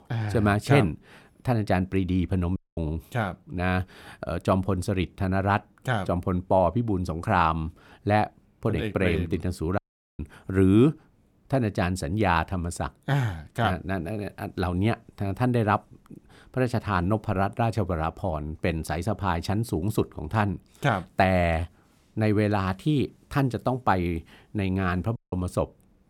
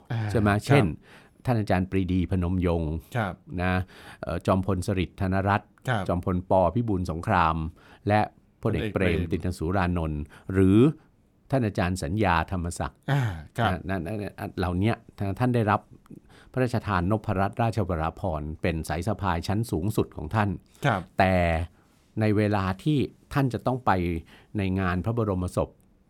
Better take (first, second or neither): second